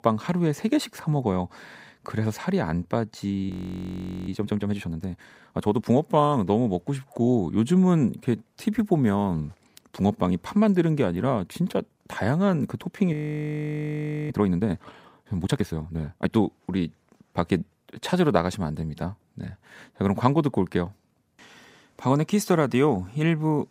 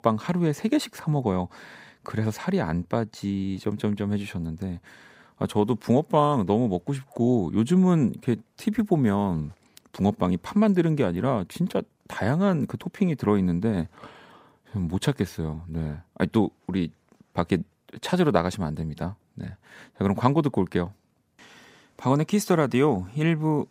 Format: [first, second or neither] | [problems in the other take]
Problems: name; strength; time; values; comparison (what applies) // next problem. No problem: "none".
second | audio freezing; at 3.5 s for 1 s and at 13 s for 1 s